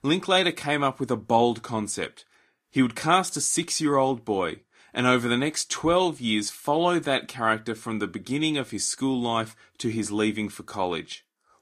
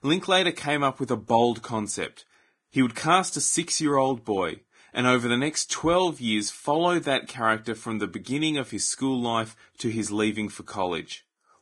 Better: first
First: garbled, watery; slightly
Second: garbled, watery; badly

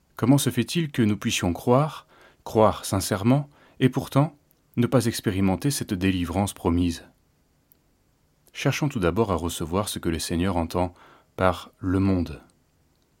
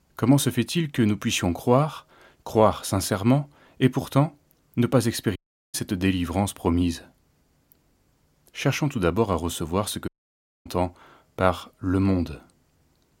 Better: first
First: none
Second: audio cutting out; at 5.5 s and at 10 s for 0.5 s

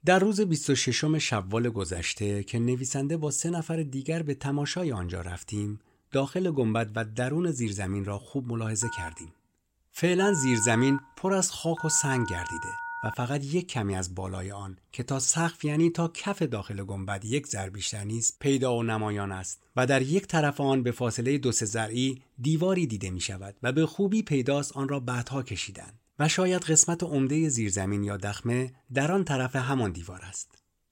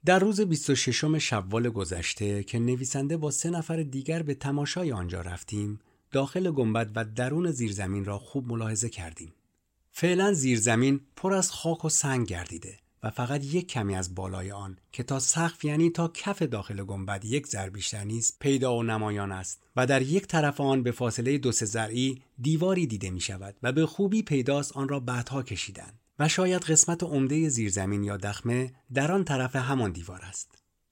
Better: second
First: phone ringing; noticeable; from 9 to 13 s; peak 8 dB below the speech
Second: none

